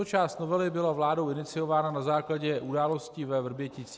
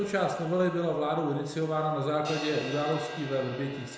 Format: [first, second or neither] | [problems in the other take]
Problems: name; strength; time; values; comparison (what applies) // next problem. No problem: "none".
first | background sound (Crash cymbal); 13 dB below the speech // room echo; dies away in 0.9 s